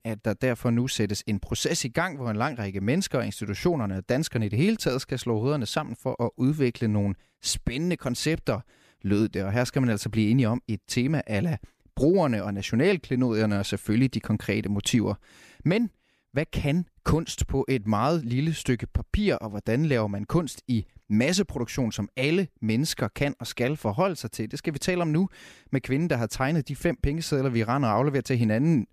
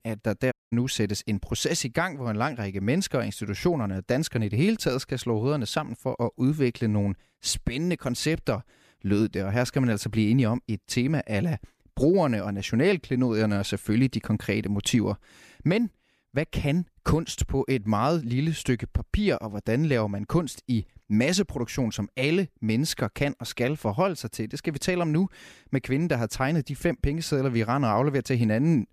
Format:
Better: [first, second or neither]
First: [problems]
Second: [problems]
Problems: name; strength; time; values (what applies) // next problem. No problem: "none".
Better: first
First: none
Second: audio cutting out; at 0.5 s